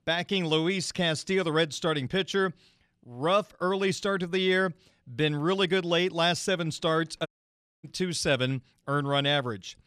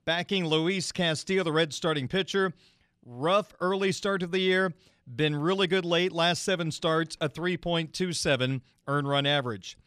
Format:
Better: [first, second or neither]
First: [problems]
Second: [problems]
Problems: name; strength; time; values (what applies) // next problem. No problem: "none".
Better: second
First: audio cutting out; at 7.5 s for 0.5 s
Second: none